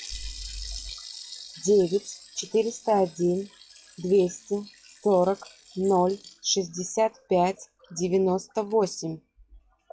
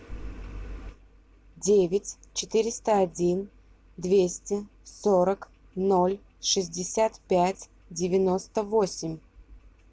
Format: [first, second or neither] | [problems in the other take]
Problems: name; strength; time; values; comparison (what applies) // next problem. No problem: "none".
second | noise reduction (classical method log-MMSE)